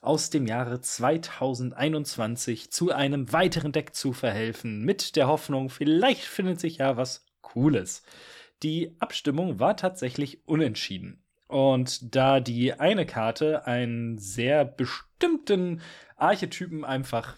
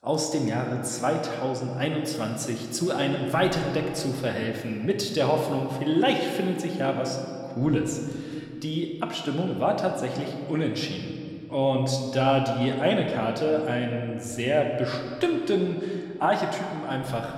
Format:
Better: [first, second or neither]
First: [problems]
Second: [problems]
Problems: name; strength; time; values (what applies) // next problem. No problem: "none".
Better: first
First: none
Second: room echo; slight; dies away in 1.9 s